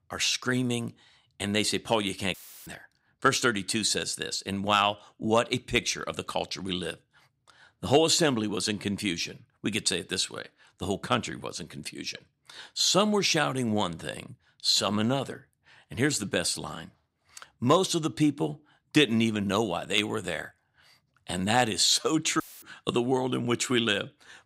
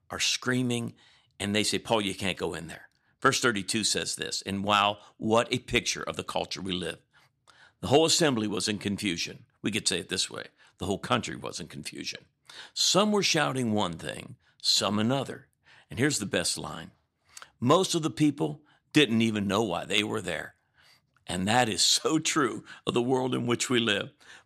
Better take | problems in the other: second | audio cutting out; filled with static; at 2.5 s and at 22 s

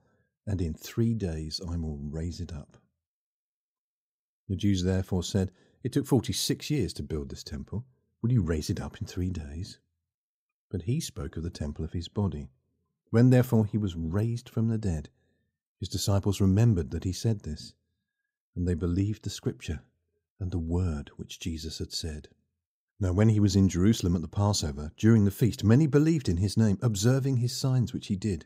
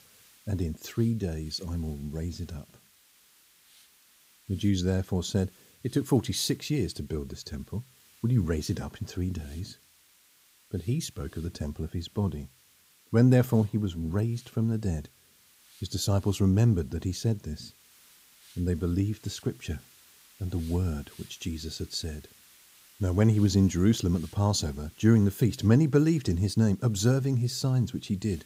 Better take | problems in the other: first | hiss; faint; throughout; 25 dB below the speech

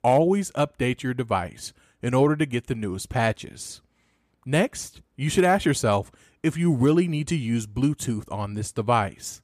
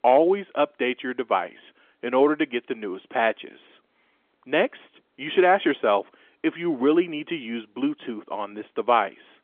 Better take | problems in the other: first | phone-call audio; nothing above 3.5 kHz

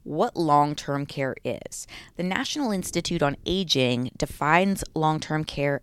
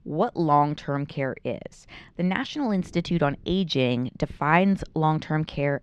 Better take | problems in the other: first | muffled; slightly; fading above 3 kHz

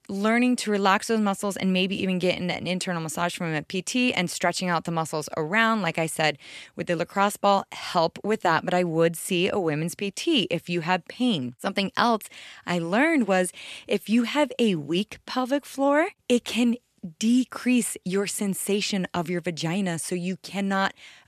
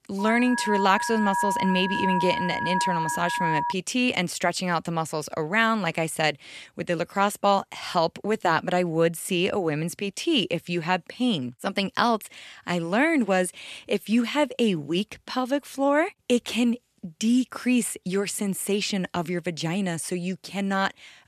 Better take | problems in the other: first | alarm; noticeable; until 3.5 s; peak level with the speech

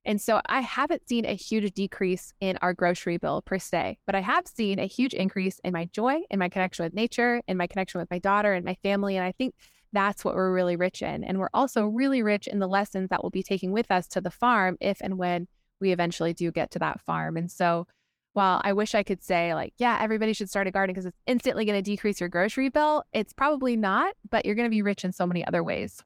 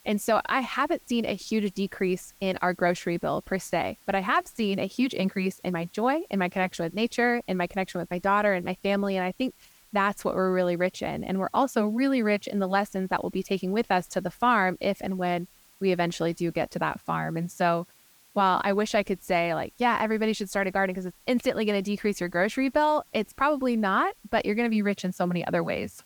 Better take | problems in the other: first | hiss; faint; throughout; 30 dB below the speech

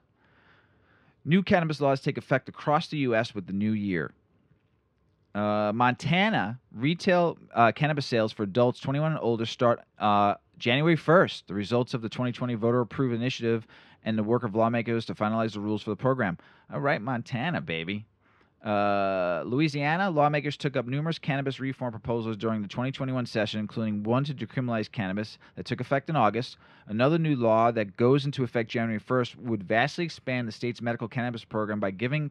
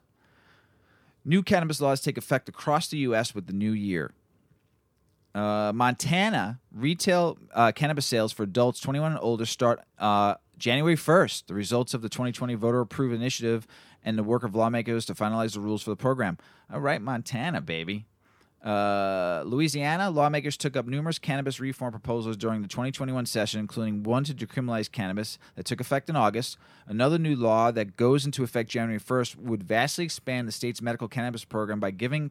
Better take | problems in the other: second | muffled; very slightly; fading above 3 kHz

